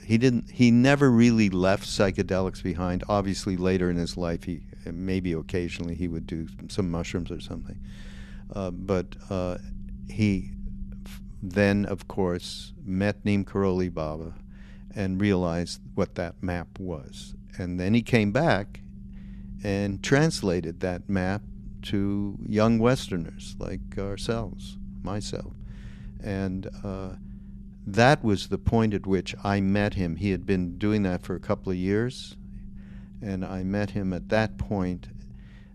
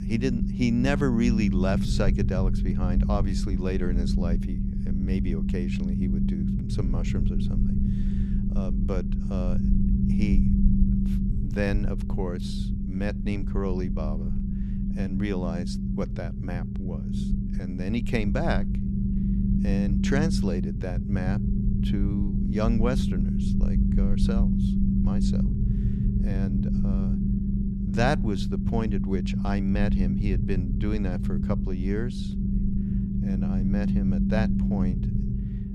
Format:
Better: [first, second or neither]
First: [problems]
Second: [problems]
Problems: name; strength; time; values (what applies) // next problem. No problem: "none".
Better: first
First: low rumble; faint; throughout; 25 dB below the speech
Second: low rumble; loud; throughout; 2 dB below the speech